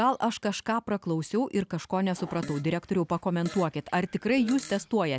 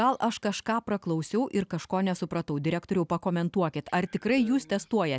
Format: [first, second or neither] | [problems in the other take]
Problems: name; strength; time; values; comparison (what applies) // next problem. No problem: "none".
second | background sound (Fart); 18 dB below the speech